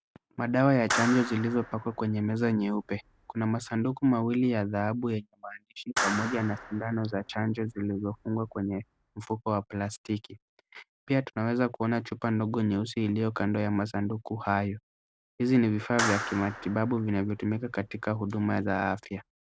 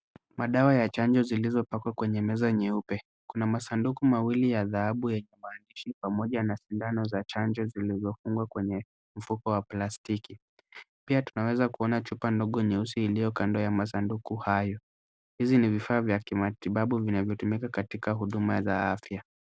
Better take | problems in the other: second | background sound (Clapping); 9 dB below the speech

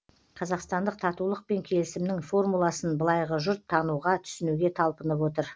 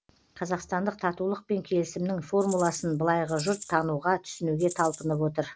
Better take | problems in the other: first | background sound (Rattle (instrument)); 16 dB below the speech

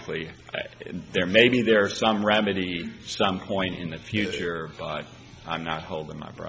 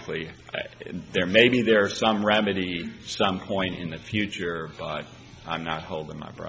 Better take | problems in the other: second | background sound (Burping, eructation); 7 dB below the speech

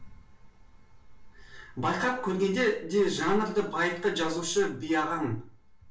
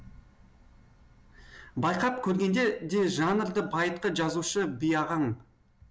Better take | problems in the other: second | room echo; dies away in 0.3 s

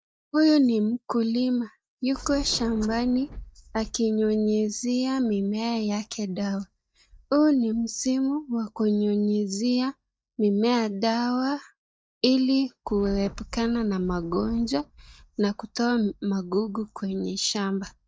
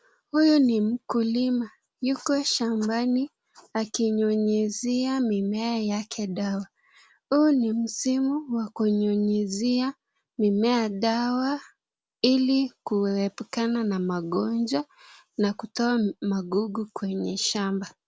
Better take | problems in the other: second | noise reduction (neural mask model DeepFilterNet 3)

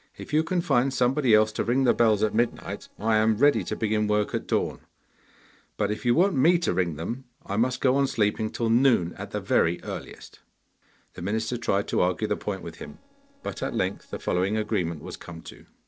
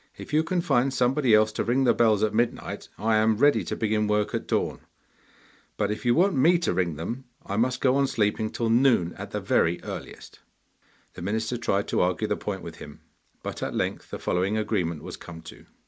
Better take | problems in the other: second | noise reduction (neural separator model SepFormer DNS4)

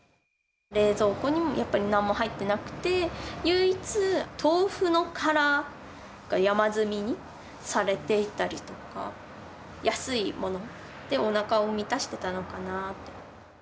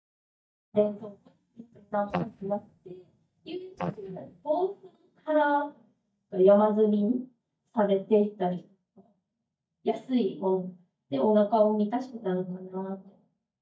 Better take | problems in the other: first | noise reduction (neural mask model DeepFilterNet 3)

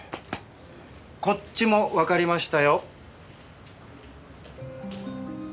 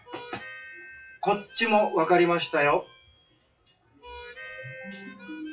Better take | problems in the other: first | noise reduction (classical method WPE with log-MMSE)

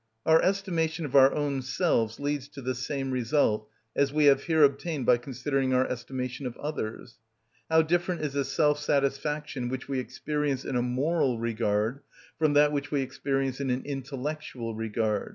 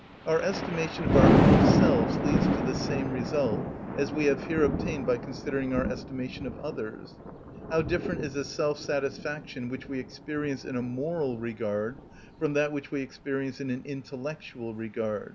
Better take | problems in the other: first | background sound (Thunder); 2 dB above the speech

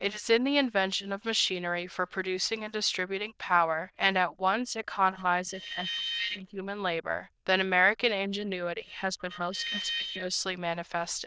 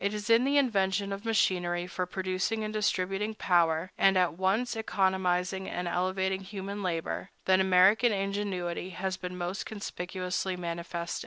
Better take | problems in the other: second | noise reduction (neural diffusion model UNIVERSE++)

